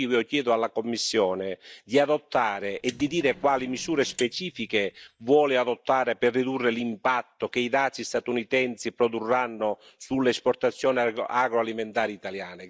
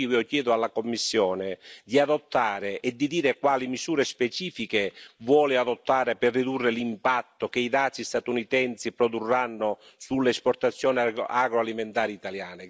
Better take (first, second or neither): second